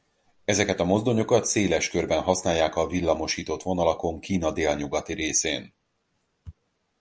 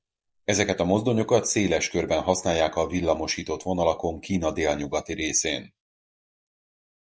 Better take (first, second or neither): first